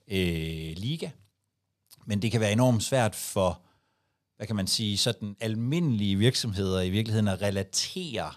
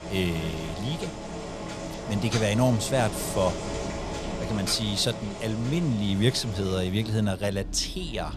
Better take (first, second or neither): first